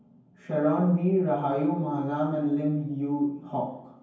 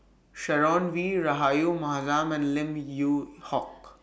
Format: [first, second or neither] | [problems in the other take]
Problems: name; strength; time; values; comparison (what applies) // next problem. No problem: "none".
second | room echo; dies away in 0.9 s